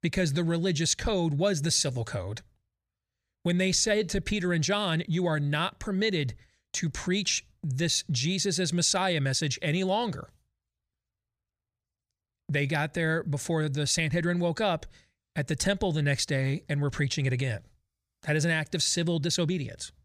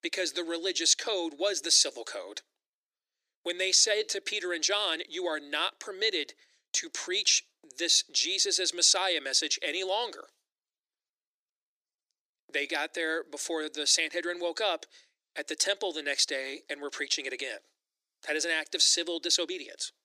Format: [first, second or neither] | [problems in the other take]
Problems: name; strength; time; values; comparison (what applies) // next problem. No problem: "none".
first | thin; very; fading below 300 Hz